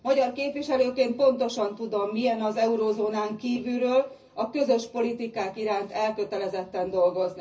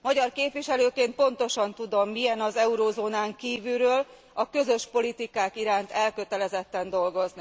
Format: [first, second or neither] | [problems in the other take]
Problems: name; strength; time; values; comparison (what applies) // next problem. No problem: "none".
second | room echo; dies away in 0.4 s